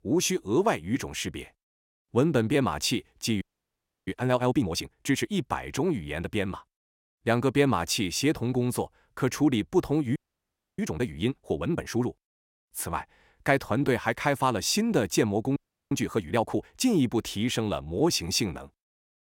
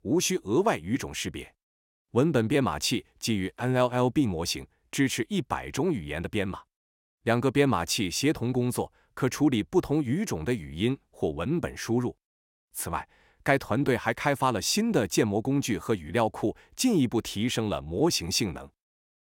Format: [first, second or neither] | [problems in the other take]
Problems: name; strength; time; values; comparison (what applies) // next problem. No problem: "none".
second | audio freezing; at 3.5 s for 0.5 s, at 10 s for 0.5 s and at 16 s